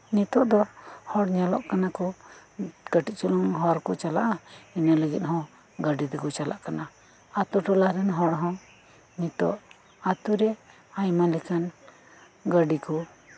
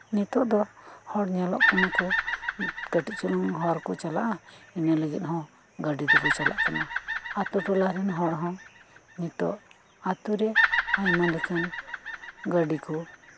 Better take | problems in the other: first | background sound (Bird vocalization, bird call, bird song); 2 dB below the speech

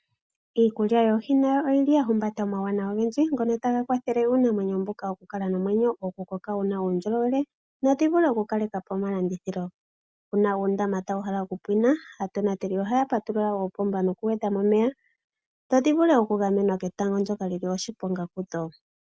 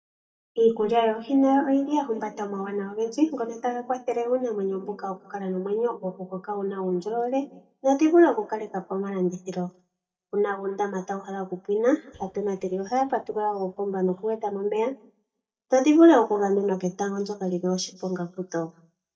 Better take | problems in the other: first | noise reduction (neural mask model DeepFilterNet 3)

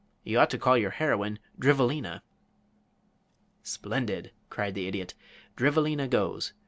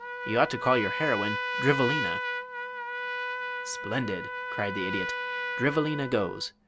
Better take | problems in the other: first | background sound (Trumpet); 3 dB below the speech

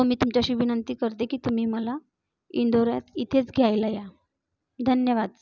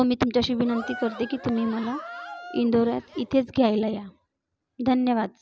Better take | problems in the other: first | background sound (Cheering); 14 dB below the speech

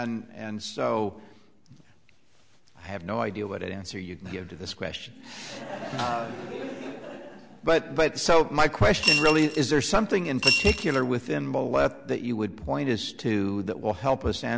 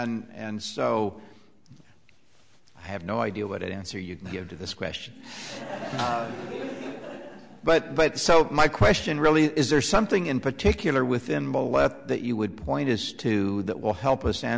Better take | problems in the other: second | background sound (Coin (dropping) / Glass); as loud as the speech

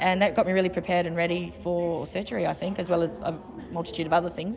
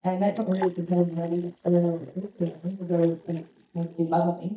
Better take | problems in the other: first | noise reduction (neural mask model DeepFilterNet 3)

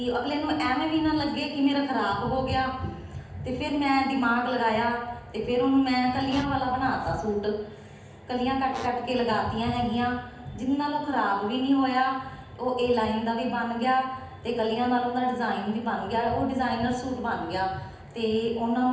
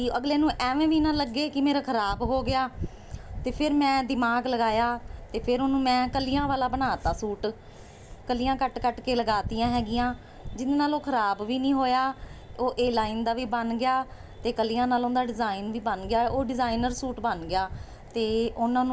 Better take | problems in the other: second | background sound (Brass instrument); 20 dB below the speech // room echo; dies away in 0.9 s

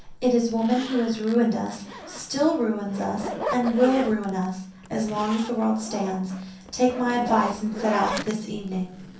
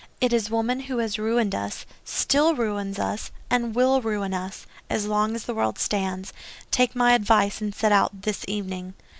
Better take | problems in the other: second | background sound (Zipper (clothing)); 11 dB below the speech // room echo; dies away in 0.6 s

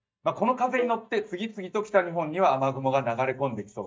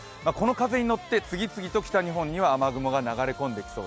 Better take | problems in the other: second | noise reduction (neural mask model DeepFilterNet 3)

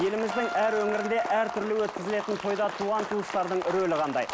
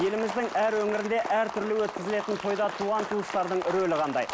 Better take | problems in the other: second | background sound (Wind instrument, woodwind instrument); 10 dB below the speech

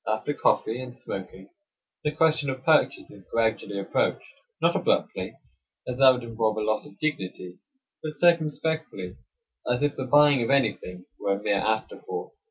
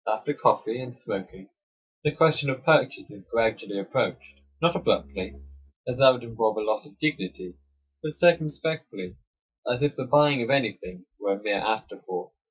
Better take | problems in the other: first | noise reduction (neural mask model DeepFilterNet 3)

